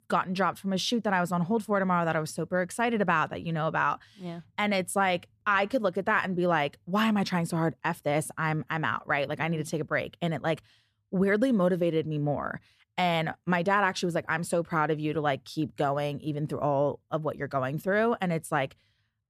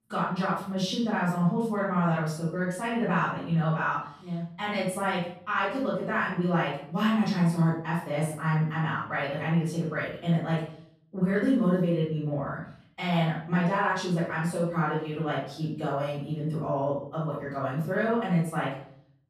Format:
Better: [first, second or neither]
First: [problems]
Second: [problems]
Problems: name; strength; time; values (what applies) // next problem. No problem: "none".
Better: first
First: none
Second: room echo; noticeable; dies away in 0.5 s // off-mic speech; far